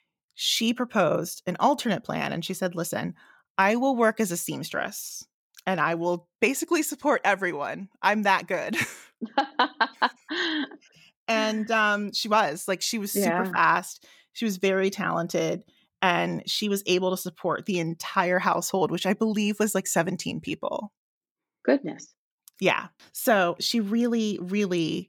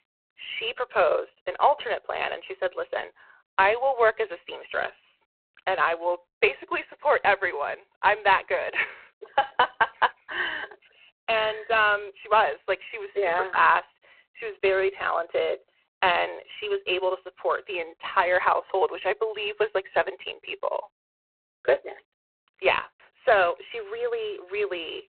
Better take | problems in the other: first | phone-call audio; poor line; nothing above 4 kHz

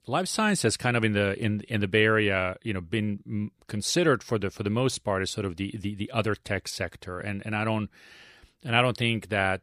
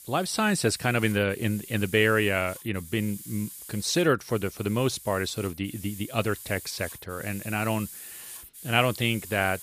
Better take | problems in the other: first | hiss; noticeable; throughout; 15 dB below the speech

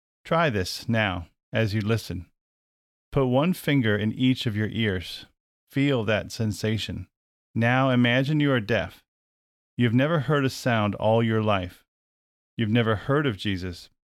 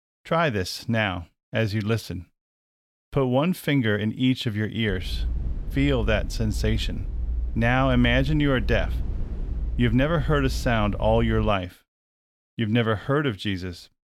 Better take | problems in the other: first | low rumble; faint; from 5 to 12 s; 20 dB below the speech

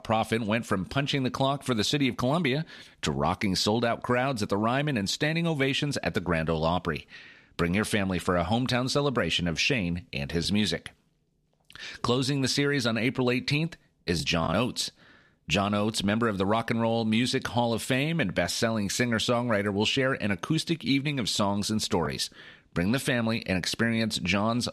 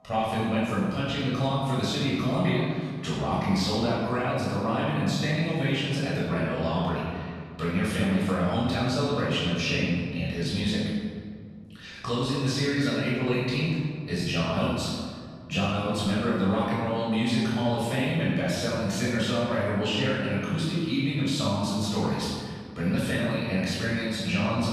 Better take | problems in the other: first | off-mic speech; far // room echo; strong; dies away in 1.9 s

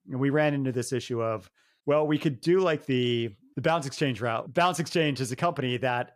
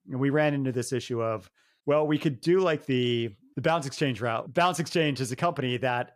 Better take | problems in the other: neither | none

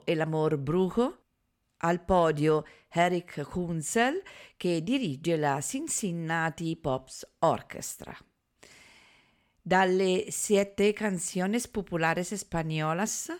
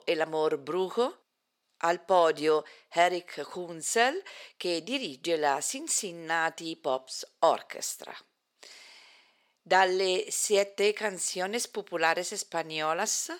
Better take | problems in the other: first | thin; somewhat; fading below 500 Hz

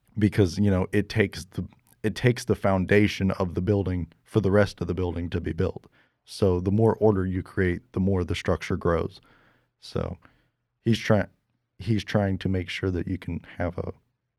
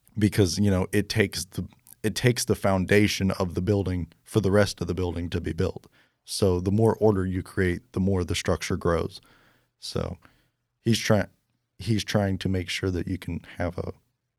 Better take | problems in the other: second | muffled; slightly; fading above 4 kHz

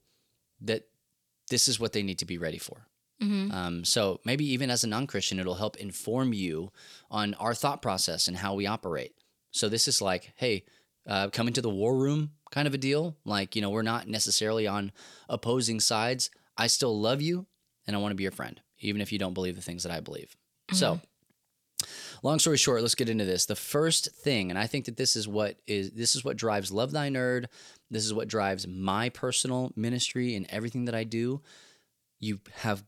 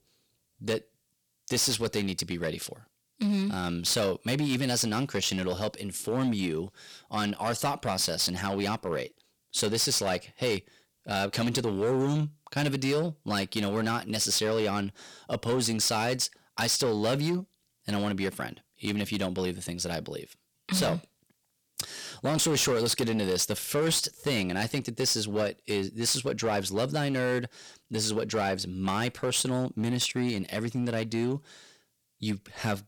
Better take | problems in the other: first | distortion; slight; 9% of the sound clipped

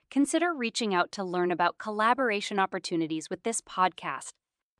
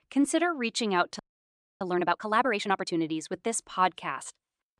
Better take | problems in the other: first | audio freezing; at 1 s for 0.5 s

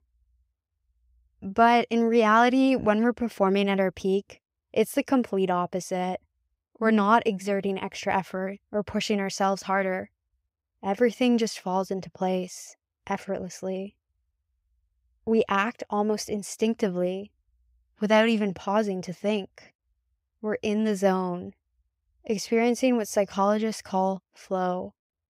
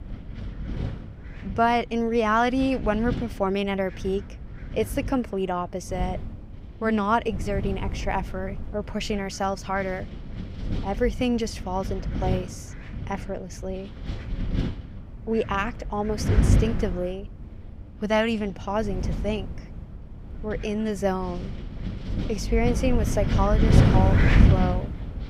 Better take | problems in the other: first | wind noise on the microphone; heavy; 8 dB below the speech

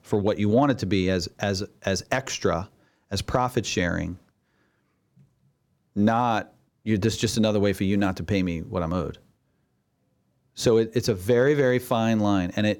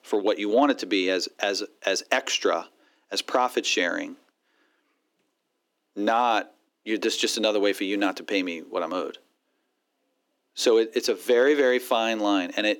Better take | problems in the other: first | thin; somewhat; fading below 300 Hz

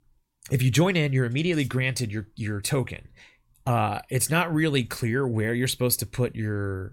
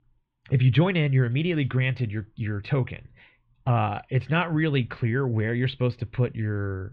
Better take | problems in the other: first | muffled; very; fading above 3.5 kHz

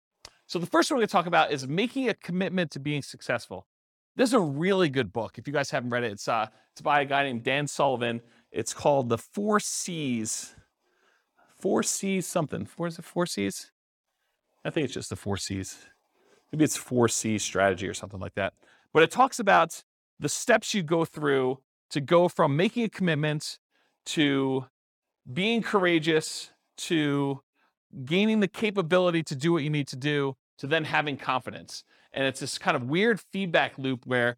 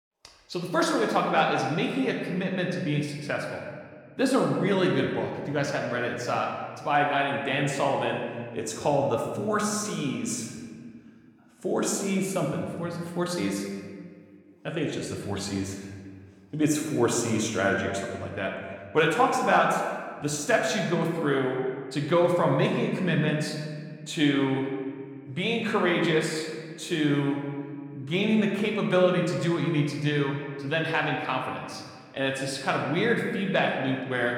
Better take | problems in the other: first | room echo; noticeable; dies away in 1.5 s // off-mic speech; somewhat distant

